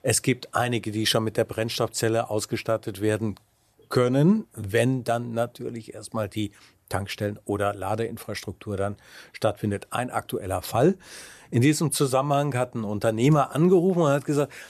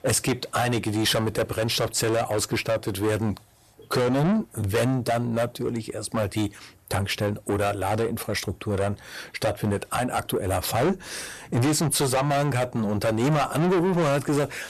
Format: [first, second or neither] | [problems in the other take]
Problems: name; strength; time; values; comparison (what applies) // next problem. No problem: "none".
first | distortion; heavy; 5 dB below the speech